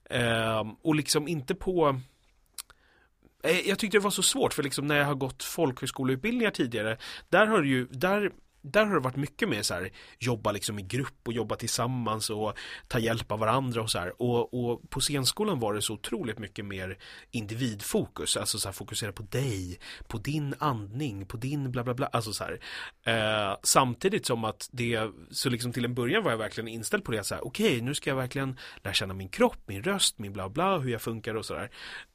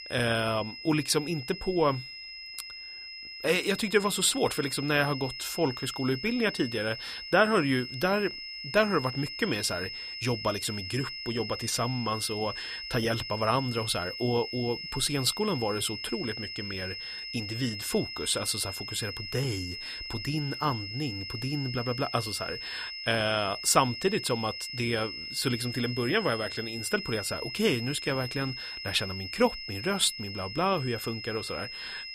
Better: first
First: none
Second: high-pitched whine; loud; throughout; 5 kHz, 7 dB below the speech

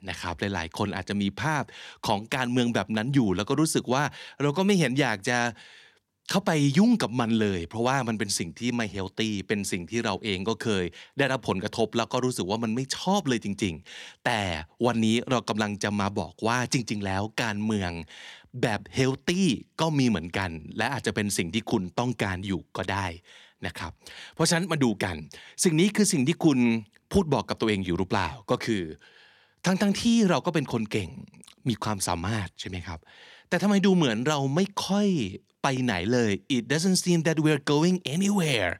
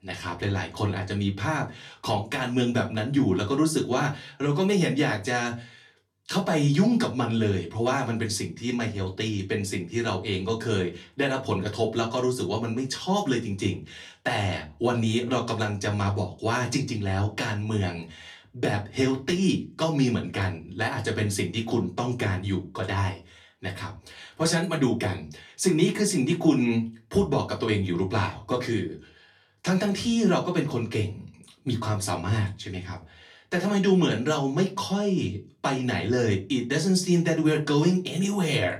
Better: first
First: none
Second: off-mic speech; far // room echo; very slight; dies away in 0.3 s

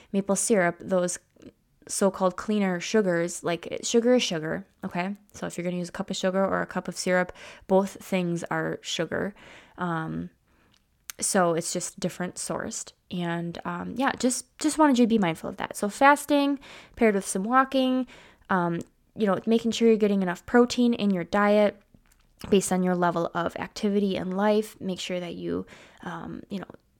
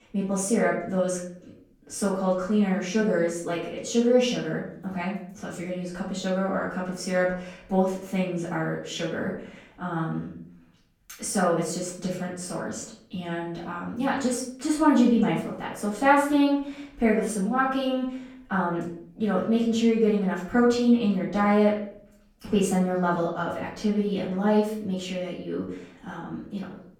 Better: first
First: none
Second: off-mic speech; far // room echo; noticeable; dies away in 0.5 s

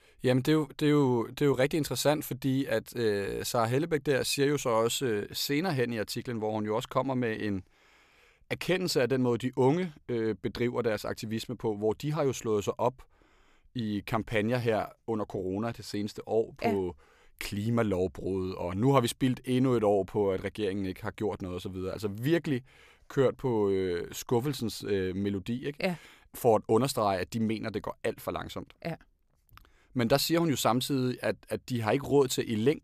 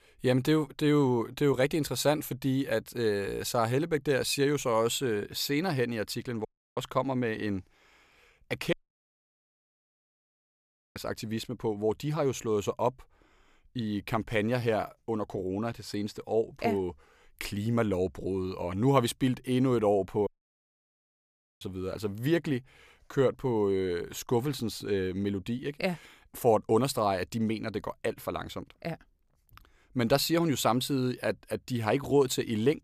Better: first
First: none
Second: audio cutting out; at 6.5 s, at 8.5 s for 2 s and at 20 s for 1.5 s

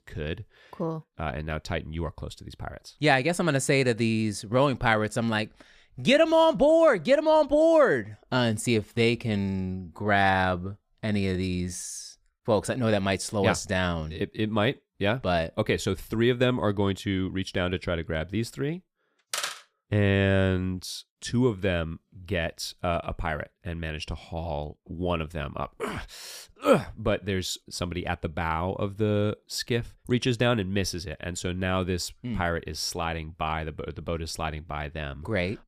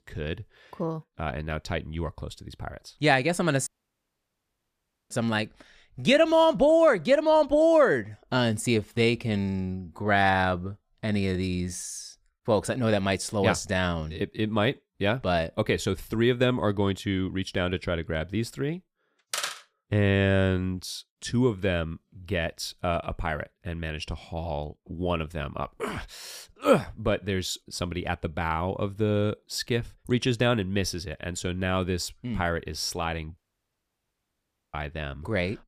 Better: first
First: none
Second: audio cutting out; at 3.5 s for 1.5 s and at 33 s for 1.5 s

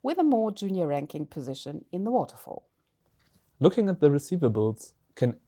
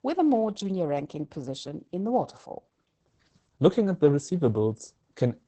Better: first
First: garbled, watery; slightly; nothing above 18 kHz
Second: garbled, watery; badly; nothing above 8 kHz

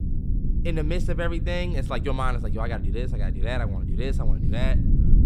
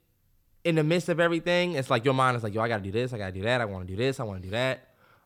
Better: second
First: low rumble; loud; throughout; 9 dB below the speech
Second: none

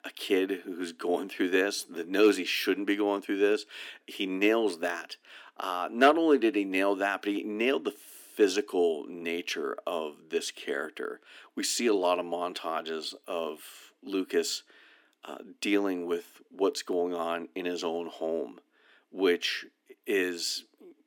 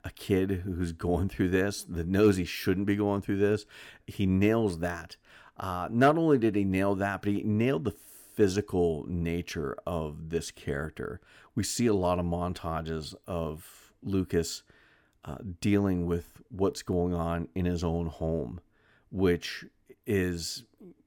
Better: second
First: thin; somewhat; fading below 250 Hz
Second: none

